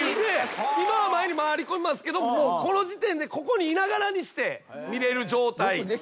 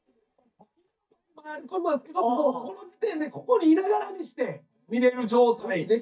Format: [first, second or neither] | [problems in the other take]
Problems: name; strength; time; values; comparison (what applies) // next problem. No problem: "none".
first | noise reduction (neural mask model DeepFilterNet 3)